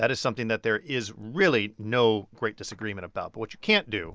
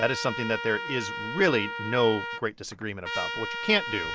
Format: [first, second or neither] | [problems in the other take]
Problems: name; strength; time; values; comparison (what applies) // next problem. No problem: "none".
first | background sound (Trumpet); 6 dB below the speech